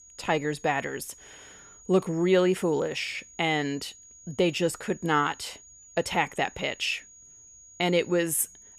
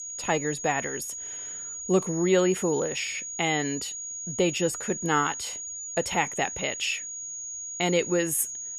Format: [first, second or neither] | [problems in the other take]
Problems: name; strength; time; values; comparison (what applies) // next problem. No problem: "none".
first | high-pitched whine; loud; throughout; 7 kHz, 6 dB below the speech; faint in the first